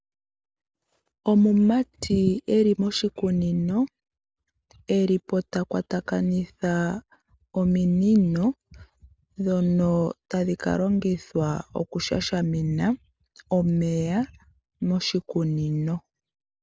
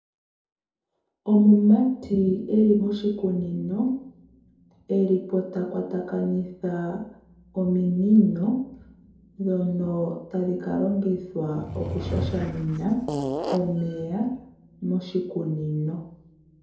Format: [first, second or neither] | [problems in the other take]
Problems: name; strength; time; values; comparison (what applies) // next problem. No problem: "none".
first | background sound (Fart / Drawer open or close); 6 dB below the speech // room echo; dies away in 2.6 s